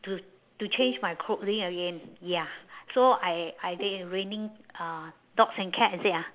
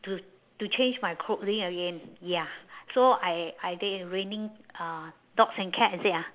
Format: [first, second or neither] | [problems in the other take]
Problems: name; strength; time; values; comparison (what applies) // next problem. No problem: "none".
second | background sound (Bowed string instrument); 17 dB below the speech